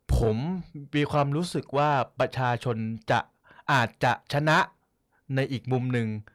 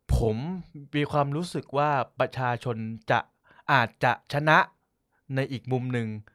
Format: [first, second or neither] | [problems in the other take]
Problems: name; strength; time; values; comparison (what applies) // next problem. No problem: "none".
second | distortion; slight; 10 dB below the speech